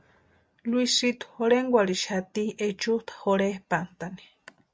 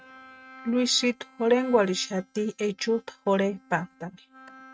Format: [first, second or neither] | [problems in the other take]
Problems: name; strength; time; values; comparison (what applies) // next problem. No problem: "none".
first | noise reduction (neural mask model RNNoise)